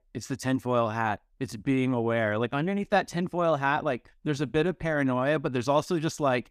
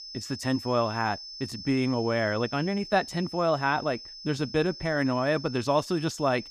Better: first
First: none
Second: high-pitched whine; noticeable; throughout; 5.5 kHz, 10 dB below the speech

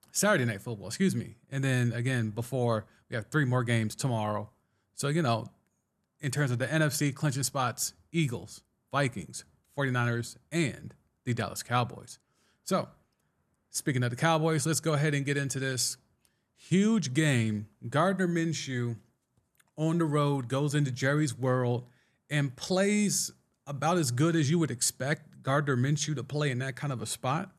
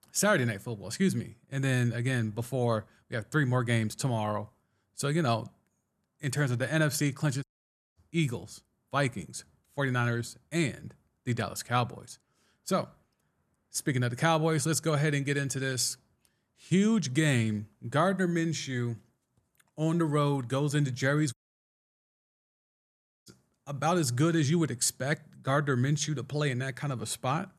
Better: first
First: none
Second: audio cutting out; at 7.5 s for 0.5 s and at 21 s for 2 s

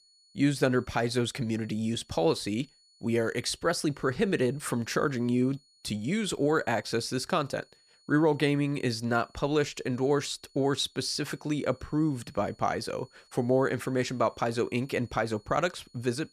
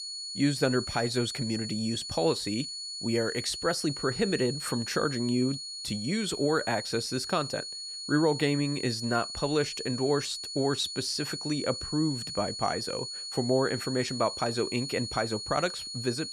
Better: first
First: high-pitched whine; faint; throughout; 4.5 kHz, 30 dB below the speech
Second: high-pitched whine; loud; throughout; 4.5 kHz, 6 dB below the speech

